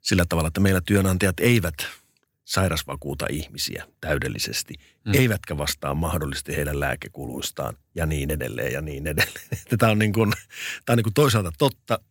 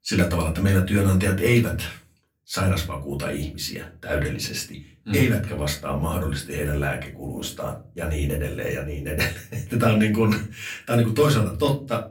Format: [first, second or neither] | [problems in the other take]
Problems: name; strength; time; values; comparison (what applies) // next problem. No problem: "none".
first | off-mic speech; far // room echo; very slight; dies away in 0.3 s